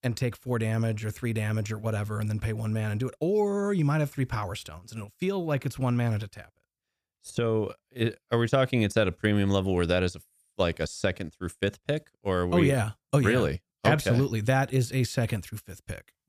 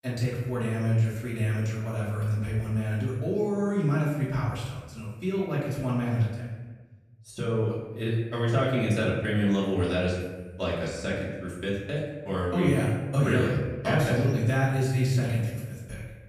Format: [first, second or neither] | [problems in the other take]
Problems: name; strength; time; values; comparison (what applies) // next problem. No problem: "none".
first | off-mic speech; far // room echo; noticeable; dies away in 1.1 s